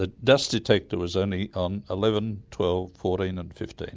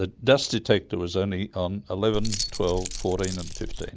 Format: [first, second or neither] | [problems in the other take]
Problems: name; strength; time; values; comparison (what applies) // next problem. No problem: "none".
first | background sound (Keys jangling); 5 dB below the speech